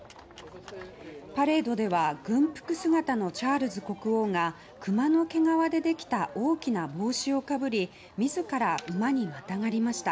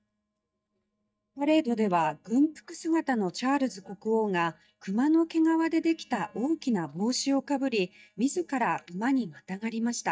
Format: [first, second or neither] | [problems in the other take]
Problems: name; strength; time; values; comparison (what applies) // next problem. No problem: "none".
first | noise reduction (neural mask model DeepFilterNet 3)